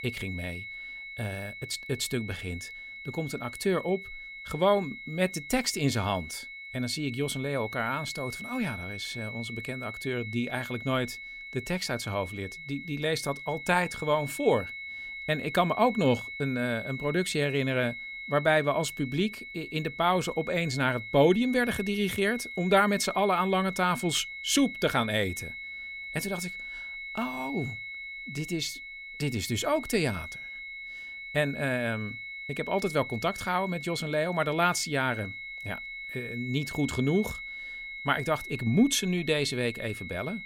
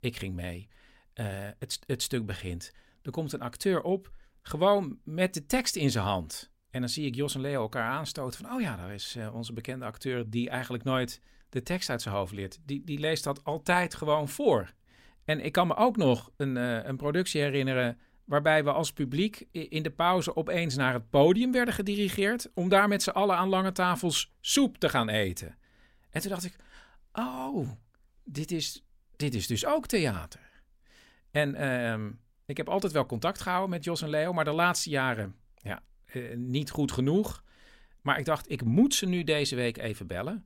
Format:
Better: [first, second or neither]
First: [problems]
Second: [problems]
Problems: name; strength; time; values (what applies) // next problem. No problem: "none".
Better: second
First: high-pitched whine; loud; throughout; 2 kHz, 9 dB below the speech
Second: none